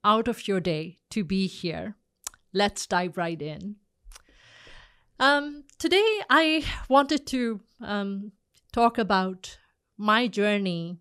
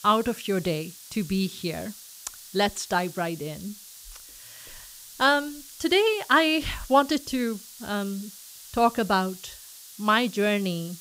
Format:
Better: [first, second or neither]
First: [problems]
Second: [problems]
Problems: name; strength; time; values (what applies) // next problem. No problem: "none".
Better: first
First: none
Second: hiss; noticeable; throughout; 15 dB below the speech